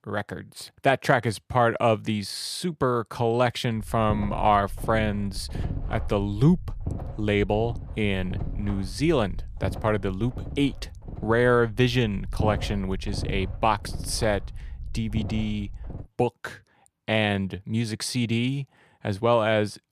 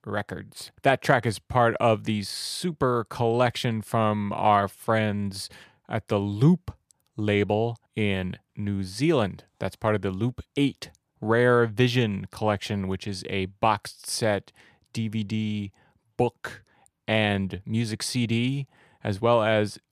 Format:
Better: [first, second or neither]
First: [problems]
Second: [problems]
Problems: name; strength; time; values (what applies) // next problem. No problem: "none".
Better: second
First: low rumble; noticeable; from 3.5 to 16 s; 20 dB below the speech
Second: none